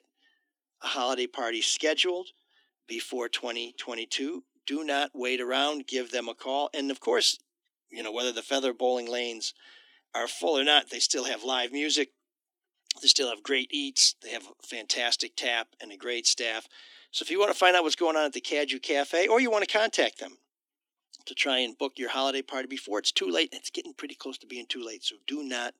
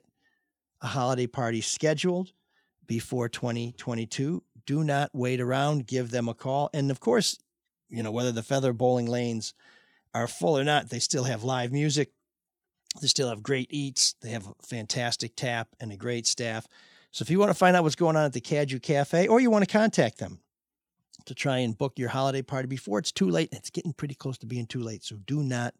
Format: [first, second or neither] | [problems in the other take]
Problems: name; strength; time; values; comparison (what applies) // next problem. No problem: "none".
second | thin; somewhat; fading below 250 Hz